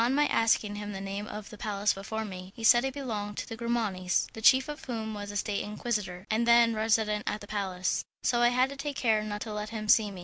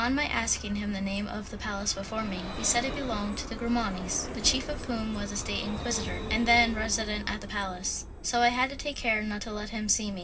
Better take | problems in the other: first | background sound (Vehicle); 8 dB below the speech // room echo; dies away in 0.4 s

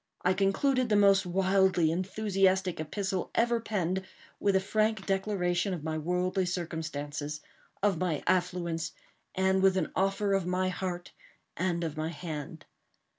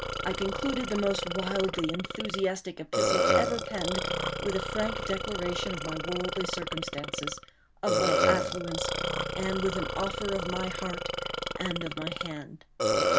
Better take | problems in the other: first | background sound (Burping, eructation); 3 dB above the speech

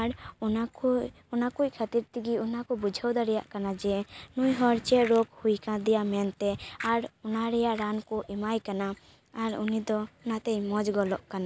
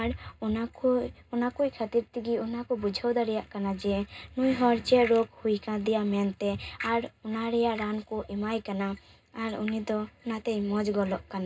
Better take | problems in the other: first | room echo; dies away in 0.2 s

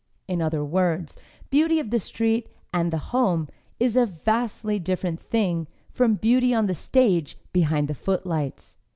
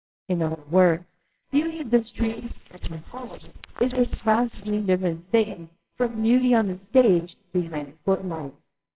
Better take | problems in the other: first | noise reduction (neural separator model SepFormer WHAMR!)

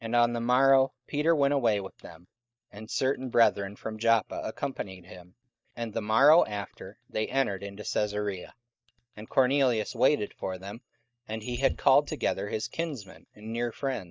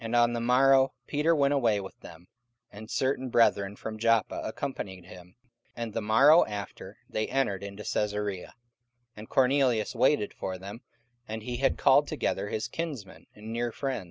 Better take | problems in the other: second | noise reduction (neural mask model DeepFilterNet 3)

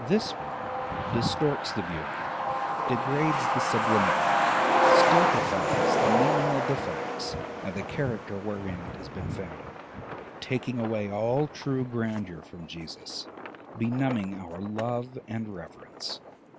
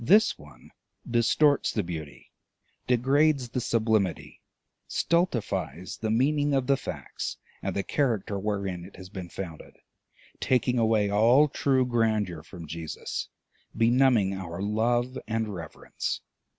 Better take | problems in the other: second | background sound (Truck); 3 dB above the speech

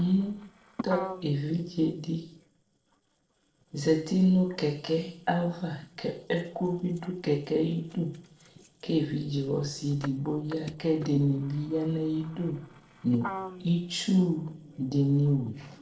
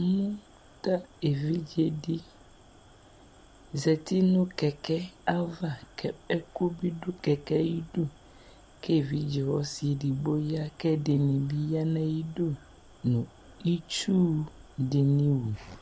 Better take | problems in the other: second | noise reduction (neural separator model SepFormer DNS4)

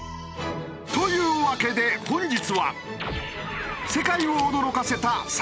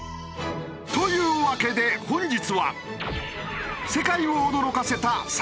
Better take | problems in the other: second | background sound (Camera); 16 dB below the speech

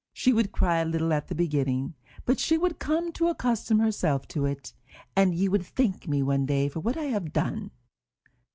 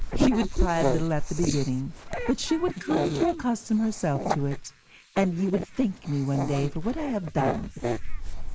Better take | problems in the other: first | noise reduction (neural mask model Resemble Enhance denoiser)

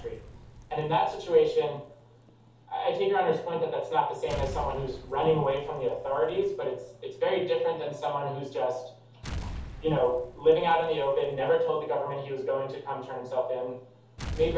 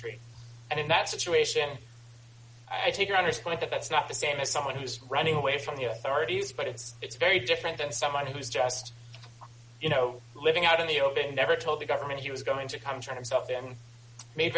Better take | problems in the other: second | background sound (Explosion); 15 dB below the speech // room echo; dies away in 0.5 s

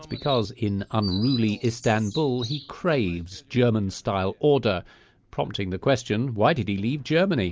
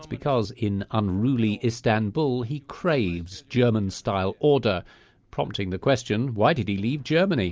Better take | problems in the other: second | background sound (Chirp, tweet); 15 dB below the speech

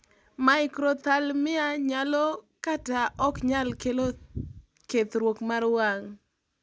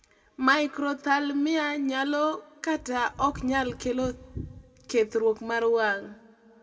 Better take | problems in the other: first | room echo; dies away in 1 s

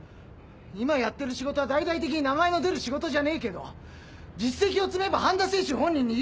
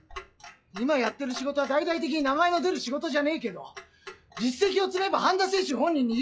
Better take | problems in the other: first | noise reduction (classical method log-MMSE)

